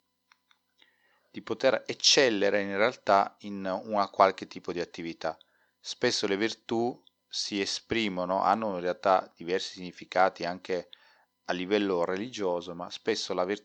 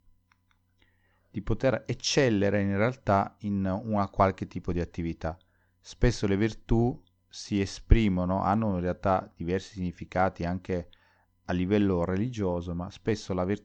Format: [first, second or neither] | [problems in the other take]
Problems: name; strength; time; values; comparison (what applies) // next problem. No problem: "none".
second | thin; somewhat; fading below 400 Hz